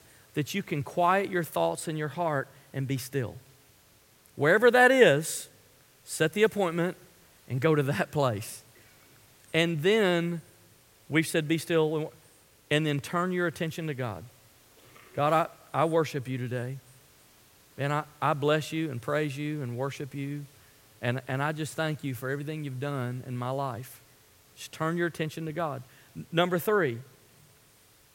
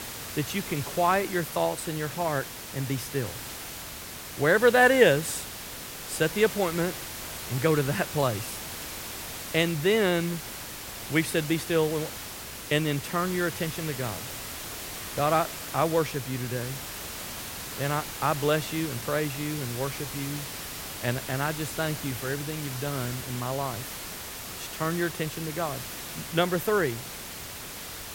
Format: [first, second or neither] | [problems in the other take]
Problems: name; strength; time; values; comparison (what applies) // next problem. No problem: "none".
first | hiss; loud; throughout; 8 dB below the speech; faint in the first